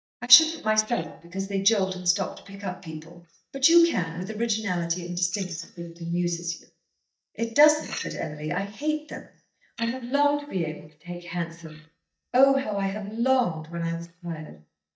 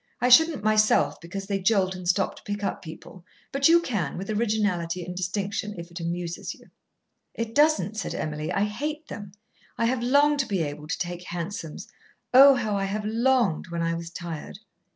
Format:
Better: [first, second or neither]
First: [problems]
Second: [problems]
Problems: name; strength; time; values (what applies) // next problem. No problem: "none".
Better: second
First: noise reduction (neural mask model DeepFilterNet 3)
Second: none